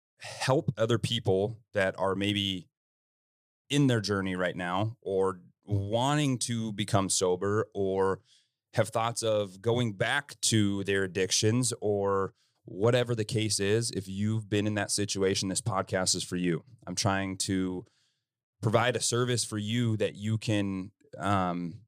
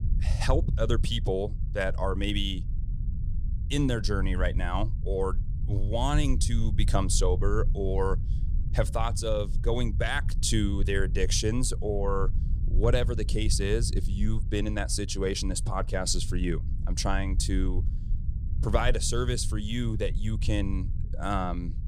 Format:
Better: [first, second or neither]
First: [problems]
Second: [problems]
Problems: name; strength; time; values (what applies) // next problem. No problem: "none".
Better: first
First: none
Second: low rumble; noticeable; throughout; 15 dB below the speech